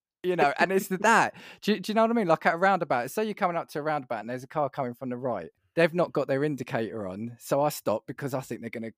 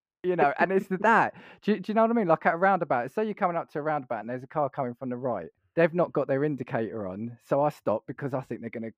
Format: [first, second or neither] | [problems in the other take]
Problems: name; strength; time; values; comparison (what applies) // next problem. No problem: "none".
first | muffled; very; fading above 3.5 kHz